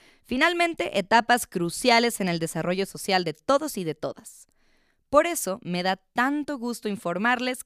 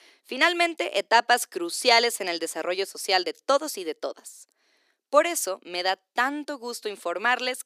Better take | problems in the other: first | thin; somewhat; fading below 300 Hz

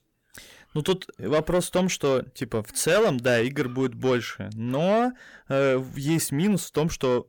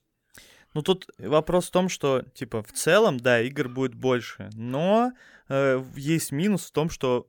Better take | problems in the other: second | distortion; slight; 10 dB below the speech

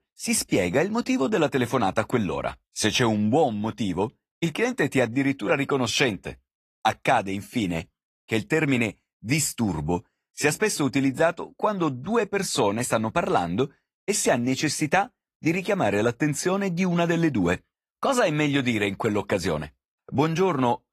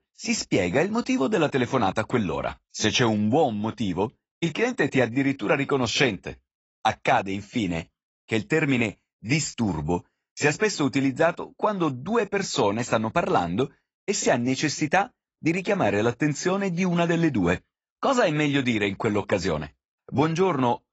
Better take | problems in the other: first | garbled, watery; badly; nothing above 7.5 kHz; slightly in the first

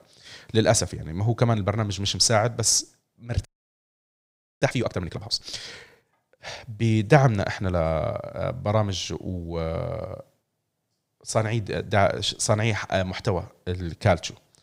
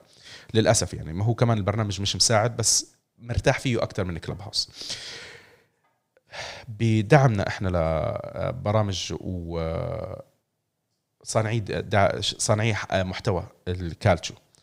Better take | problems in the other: second | audio freezing; at 3.5 s for 1 s

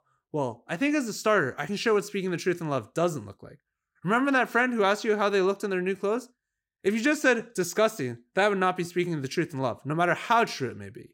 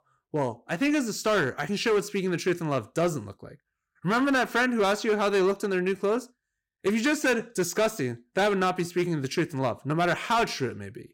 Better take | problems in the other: first | distortion; slight; 7% of the sound clipped

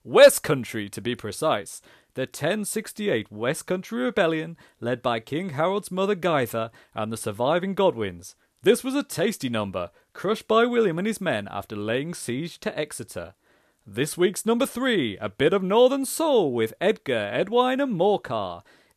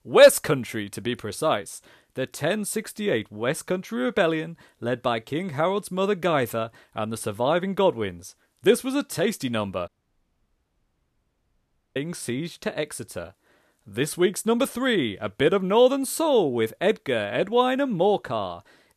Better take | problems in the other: first | audio cutting out; at 10 s for 2 s

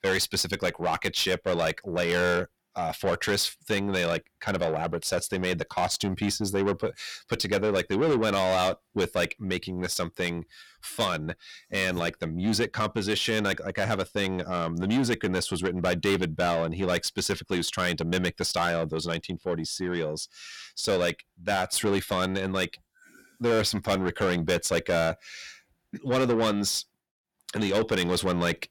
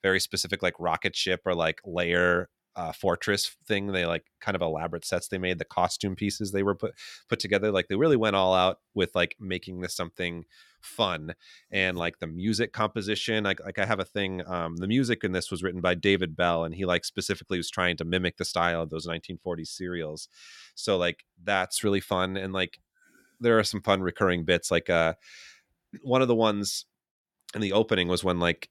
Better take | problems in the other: second | distortion; heavy; 7 dB below the speech

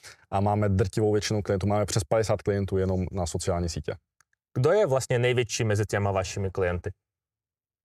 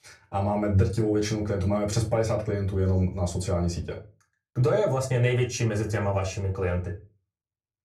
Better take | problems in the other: first | off-mic speech; far // room echo; very slight; dies away in 0.3 s

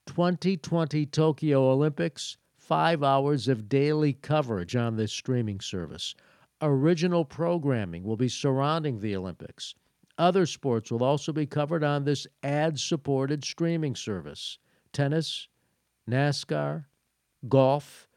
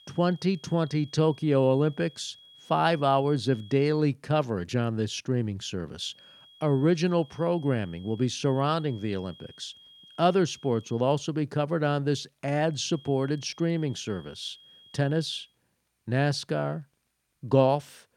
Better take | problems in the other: first | high-pitched whine; faint; until 4 s, from 6 to 11 s and from 13 to 15 s; 3.5 kHz, 25 dB below the speech

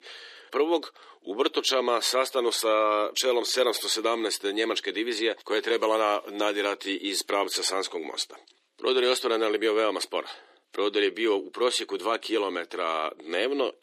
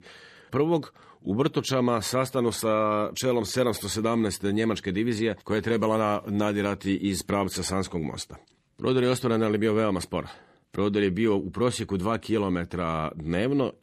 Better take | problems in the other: second | thin; very; fading below 350 Hz

